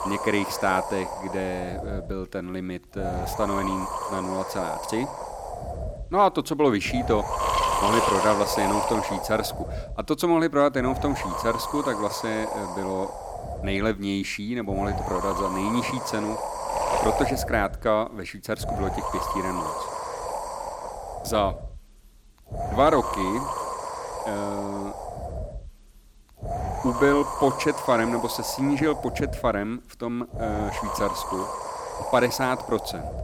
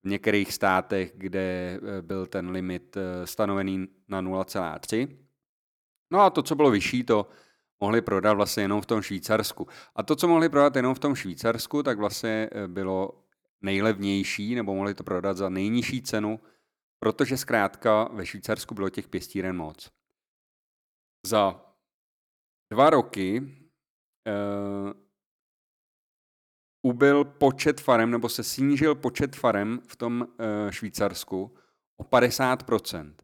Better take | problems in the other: second | wind noise on the microphone; heavy; 2 dB below the speech

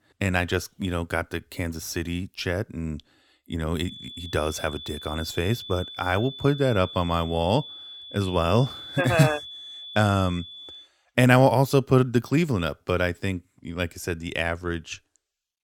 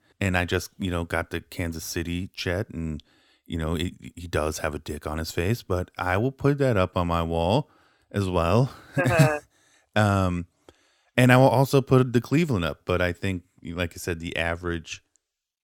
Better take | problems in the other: second | high-pitched whine; noticeable; from 4 to 11 s; 3.5 kHz, 15 dB below the speech

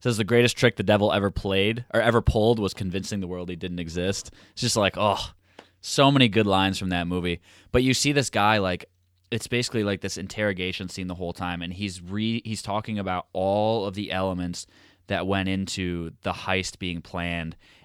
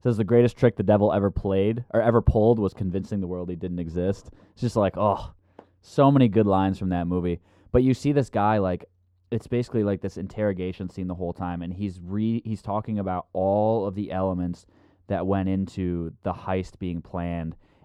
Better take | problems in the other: first | muffled; very; fading above 1.5 kHz

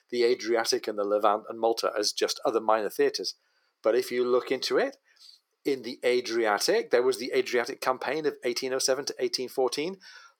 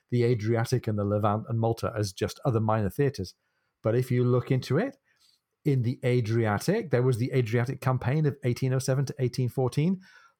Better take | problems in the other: second | thin; very; fading below 350 Hz

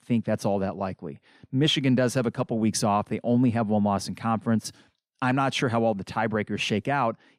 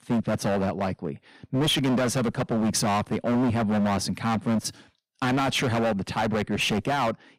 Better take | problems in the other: first | distortion; heavy; 22% of the sound clipped

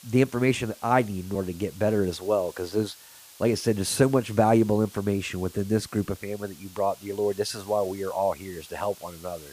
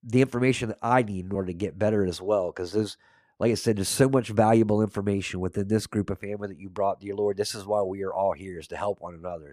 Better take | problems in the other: second | hiss; faint; throughout; 20 dB below the speech

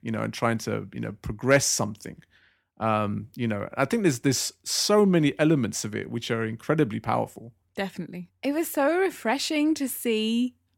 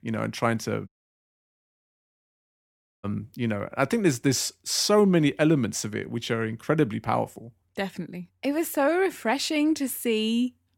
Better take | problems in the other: first | audio cutting out; at 1 s for 2 s

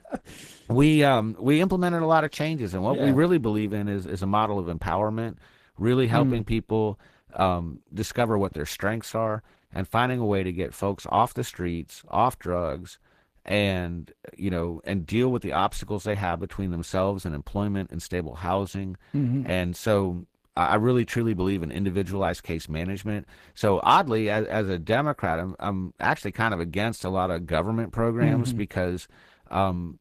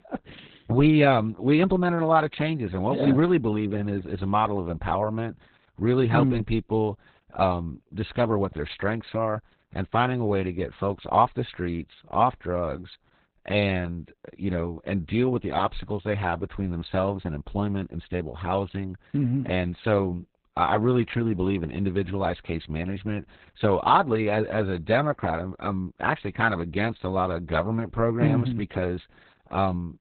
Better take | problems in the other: first | garbled, watery; badly; nothing above 4 kHz; slightly in the first

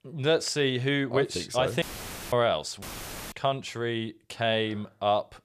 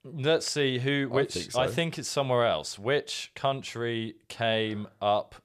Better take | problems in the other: second | audio cutting out; filled with static; at 2 s and at 3 s for 0.5 s

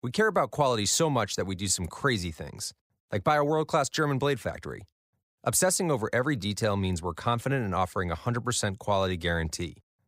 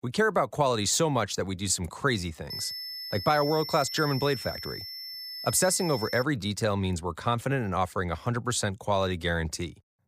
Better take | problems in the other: first | high-pitched whine; loud; from 2.5 to 6 s; 5.5 kHz, 8 dB below the speech

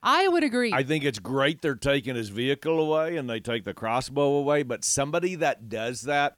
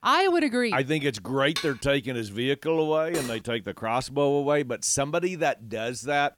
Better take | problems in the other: first | clattering dishes; noticeable; at 1.5 s and at 3 s; peak 7 dB below the speech

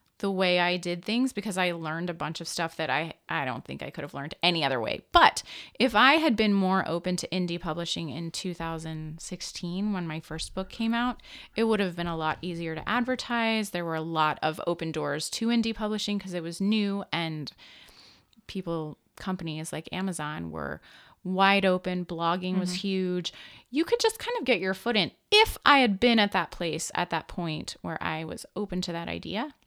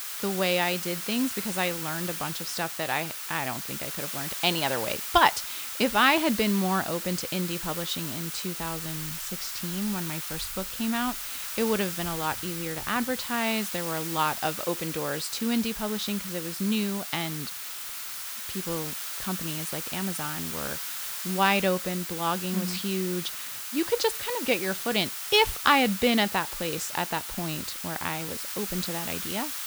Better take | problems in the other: first | hiss; loud; throughout; 4 dB below the speech

